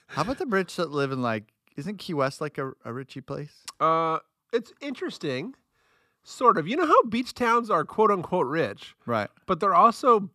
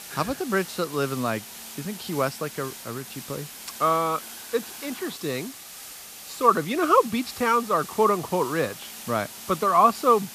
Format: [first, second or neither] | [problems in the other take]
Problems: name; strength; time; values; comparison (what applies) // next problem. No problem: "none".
first | hiss; noticeable; throughout; 15 dB below the speech